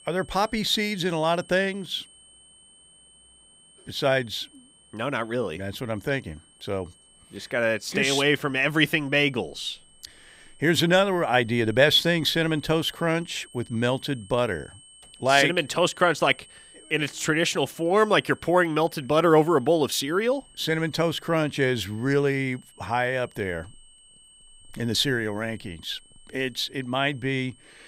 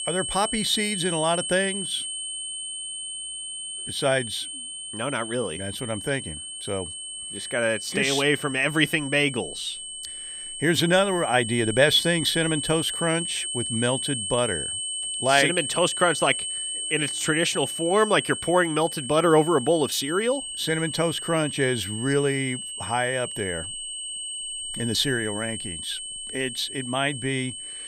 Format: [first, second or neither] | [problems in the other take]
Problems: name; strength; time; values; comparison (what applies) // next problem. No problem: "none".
first | high-pitched whine; loud; throughout; 3 kHz, 6 dB below the speech; faint in the first